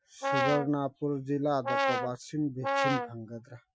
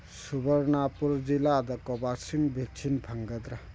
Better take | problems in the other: second | noise reduction (classical method Wiener filter)

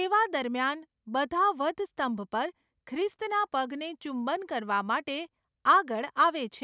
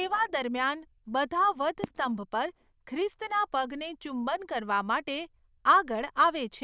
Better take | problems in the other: first | noise reduction (neural diffusion model UNIVERSE++)

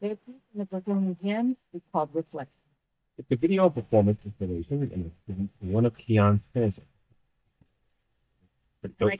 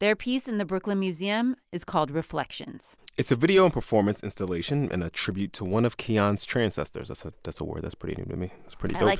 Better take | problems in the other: second | noise reduction (neural mask model DeepFilterNet 3)

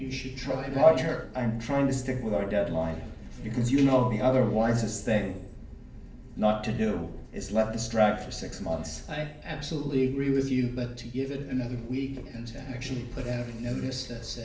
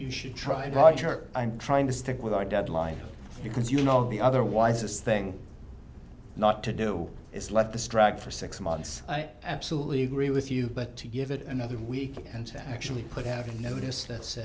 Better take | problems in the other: second | room echo; dies away in 0.7 s

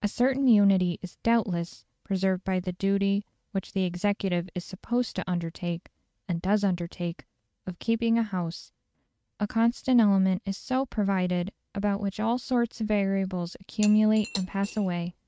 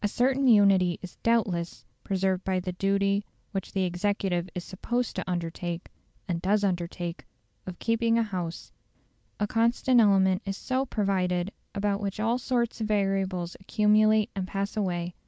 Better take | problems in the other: second | noise reduction (neural mask model RNNoise)

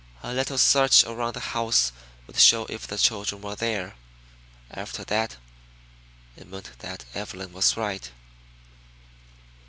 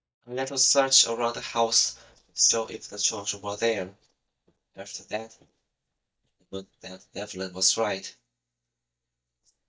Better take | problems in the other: first | noise reduction (neural mask model DeepFilterNet 3)

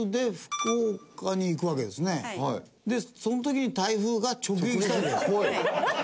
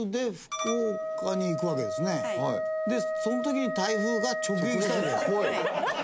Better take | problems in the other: first | background sound (Wind instrument, woodwind instrument); 3 dB below the speech

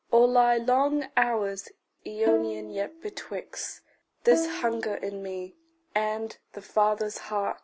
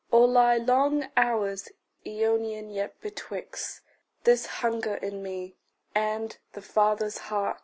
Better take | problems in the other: second | background sound (Bowed string instrument); 8 dB below the speech

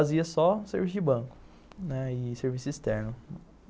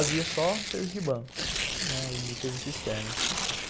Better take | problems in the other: first | background sound (Tearing); as loud as the speech

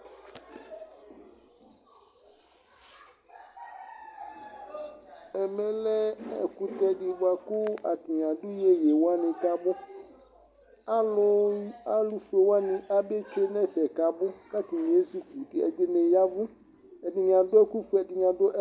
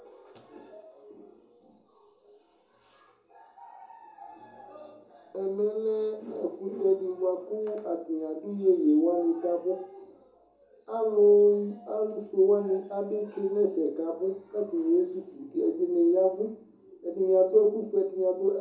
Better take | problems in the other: first | room echo; dies away in 0.7 s

